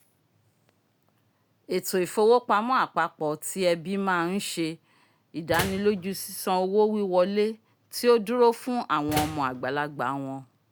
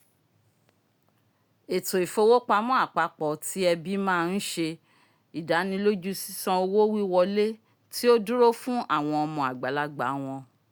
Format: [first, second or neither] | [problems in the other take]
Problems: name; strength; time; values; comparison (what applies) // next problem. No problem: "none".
second | background sound (Slam); 10 dB below the speech